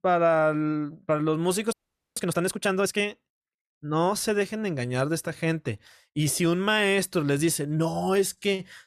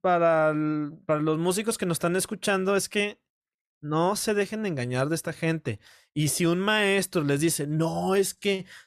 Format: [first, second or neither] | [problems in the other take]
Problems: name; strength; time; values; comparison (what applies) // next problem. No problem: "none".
second | audio freezing; at 1.5 s